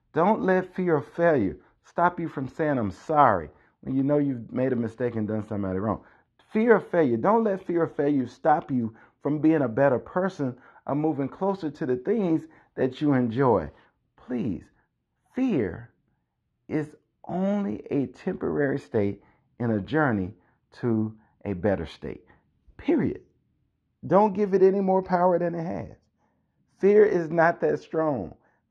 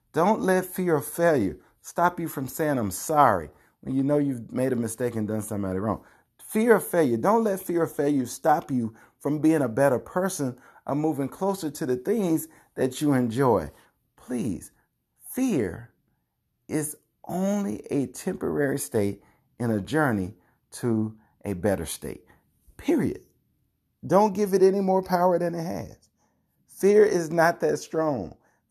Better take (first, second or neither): second